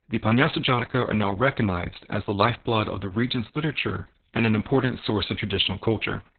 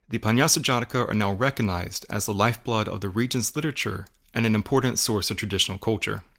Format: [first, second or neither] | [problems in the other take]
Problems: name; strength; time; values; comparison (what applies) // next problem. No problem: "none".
second | garbled, watery; badly; nothing above 4 kHz; slightly in the second